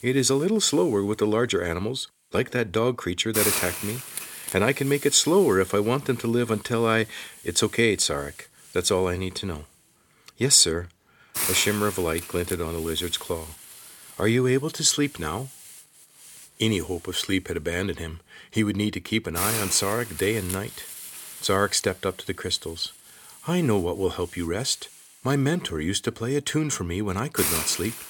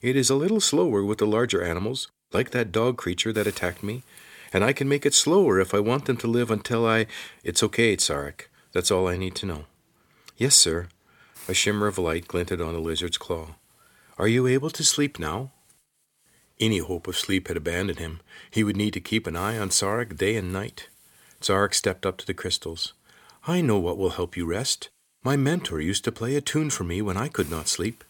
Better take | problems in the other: second | hiss; loud; throughout; 7 dB below the speech; faint in the second

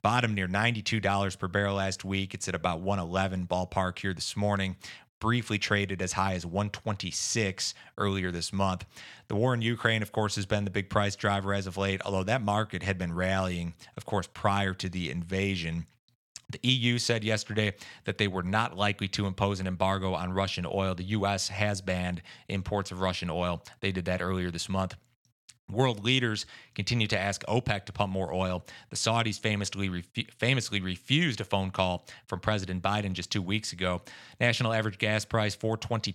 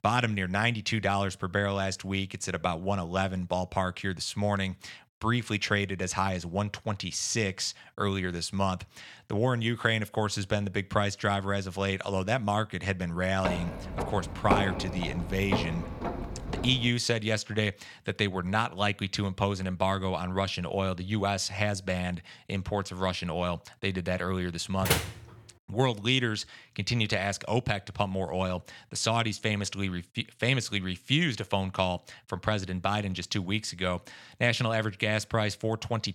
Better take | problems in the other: first | footsteps; loud; from 13 to 17 s; peak 1 dB above the speech // door banging; loud; at 25 s; peak 2 dB above the speech

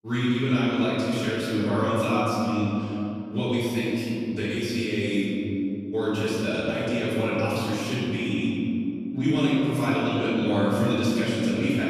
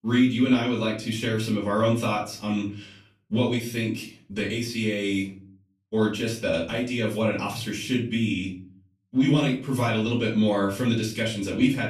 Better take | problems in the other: second | room echo; strong; dies away in 3 s; slight in the second // off-mic speech; far; far in the second

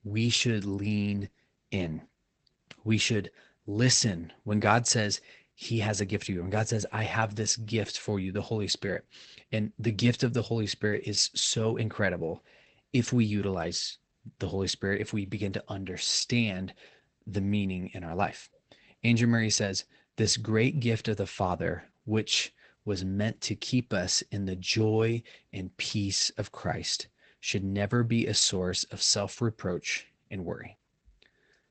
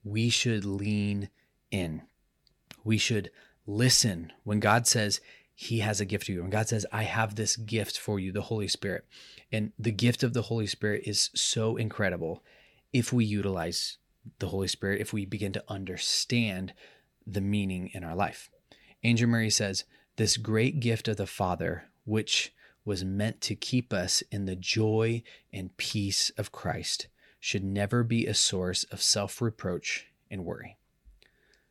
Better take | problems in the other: second | garbled, watery; badly; nothing above 8 kHz

